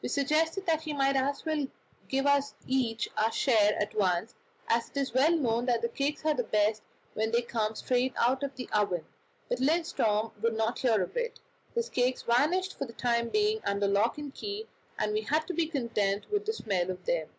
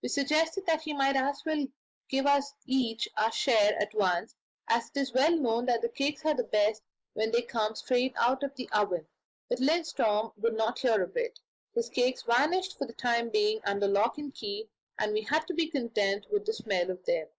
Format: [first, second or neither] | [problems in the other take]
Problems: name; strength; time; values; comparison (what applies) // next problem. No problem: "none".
first | noise reduction (neural mask model Resemble Enhance denoiser)